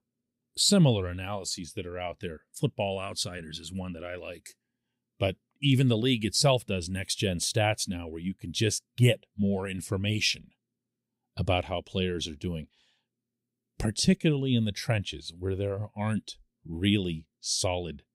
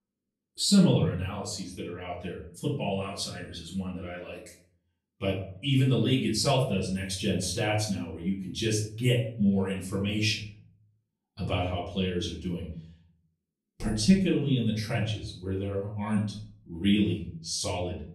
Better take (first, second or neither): first